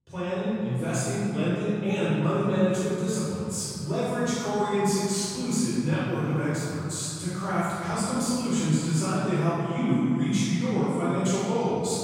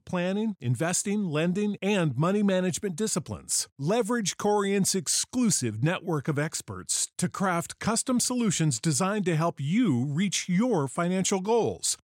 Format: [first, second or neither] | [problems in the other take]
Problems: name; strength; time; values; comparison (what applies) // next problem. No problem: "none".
second | off-mic speech; far // room echo; strong; dies away in 2.8 s